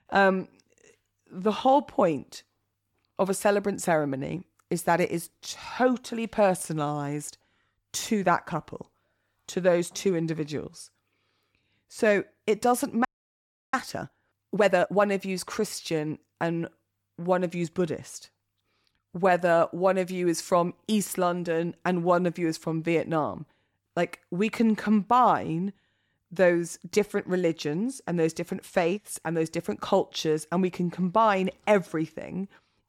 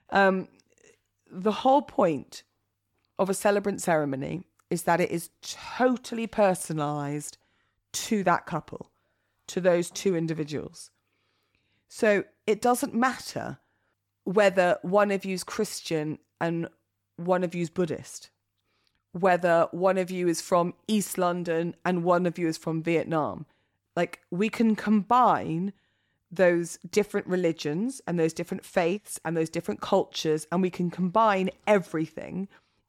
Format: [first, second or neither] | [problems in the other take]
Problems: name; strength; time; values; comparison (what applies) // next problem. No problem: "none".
second | audio freezing; at 13 s for 0.5 s